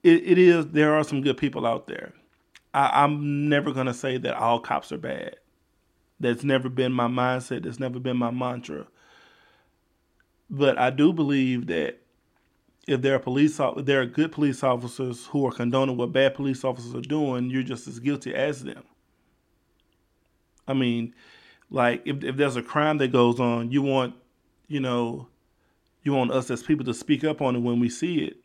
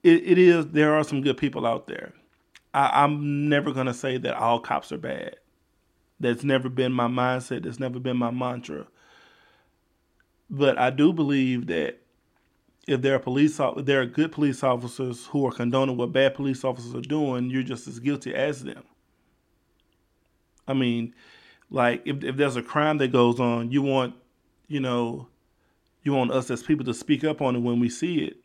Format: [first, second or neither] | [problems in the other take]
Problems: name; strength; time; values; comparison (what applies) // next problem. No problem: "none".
neither | none